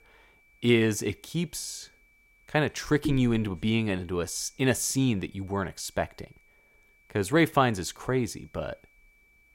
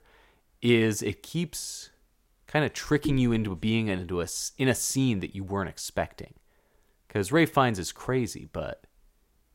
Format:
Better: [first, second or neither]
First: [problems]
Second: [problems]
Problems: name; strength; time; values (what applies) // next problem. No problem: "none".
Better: second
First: high-pitched whine; faint; throughout; 2.5 kHz, 35 dB below the speech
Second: none